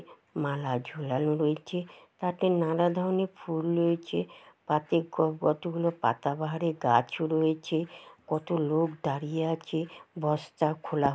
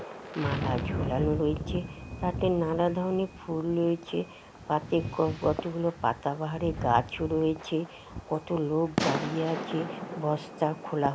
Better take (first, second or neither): first